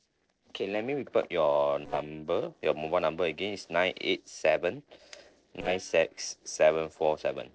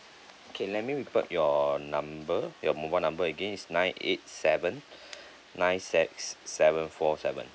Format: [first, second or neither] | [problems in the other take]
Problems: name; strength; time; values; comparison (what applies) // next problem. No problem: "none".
second | noise reduction (neural separator model SepFormer DNS4)